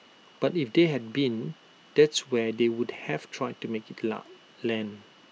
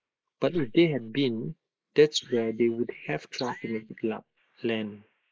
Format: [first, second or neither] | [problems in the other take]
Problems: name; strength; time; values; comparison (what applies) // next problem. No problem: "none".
first | noise reduction (neural mask model Resemble Enhance denoiser)